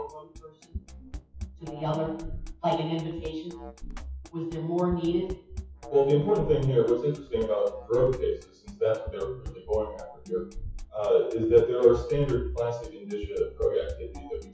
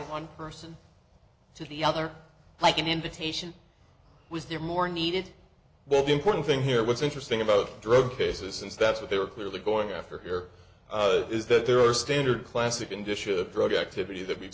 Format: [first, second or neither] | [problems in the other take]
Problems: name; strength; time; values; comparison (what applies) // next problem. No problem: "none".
second | noise reduction (classical method WPE with log-MMSE)